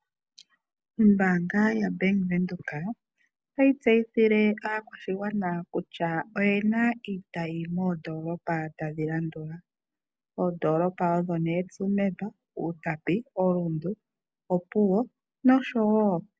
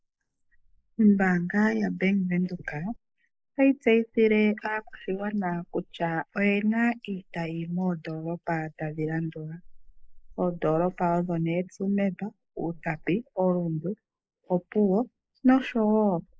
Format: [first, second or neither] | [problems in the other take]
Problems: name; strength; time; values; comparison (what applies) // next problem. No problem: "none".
first | noise reduction (neural mask model Resemble Enhance denoiser)